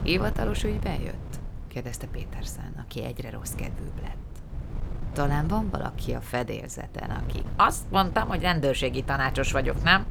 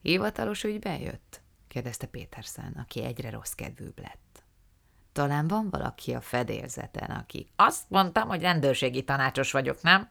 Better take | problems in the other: second | wind noise on the microphone; occasional gusts; 20 dB below the speech

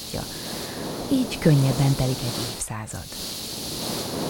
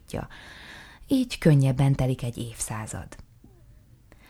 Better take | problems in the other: second | hiss; loud; throughout; 6 dB below the speech

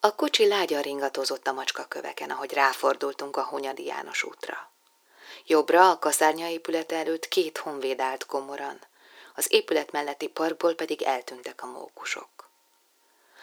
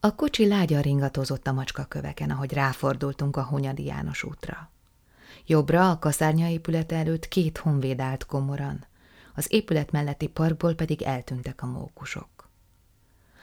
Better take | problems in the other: second | thin; very; fading below 350 Hz

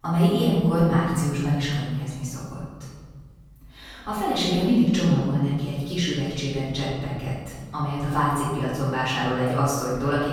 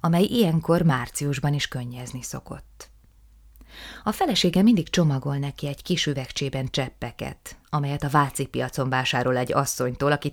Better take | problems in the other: second | room echo; strong; dies away in 1.7 s // off-mic speech; far

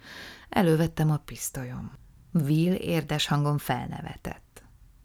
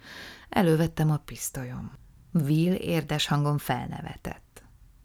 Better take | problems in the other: neither | none

